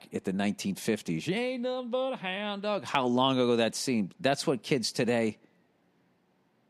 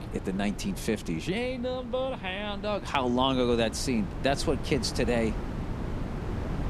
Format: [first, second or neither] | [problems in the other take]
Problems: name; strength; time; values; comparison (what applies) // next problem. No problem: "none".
first | wind noise on the microphone; occasional gusts; 15 dB below the speech